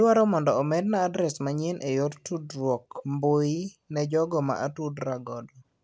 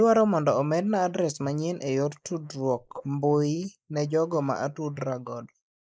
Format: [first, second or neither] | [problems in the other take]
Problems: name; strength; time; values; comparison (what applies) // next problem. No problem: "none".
first | noise reduction (neural mask model Resemble Enhance denoiser)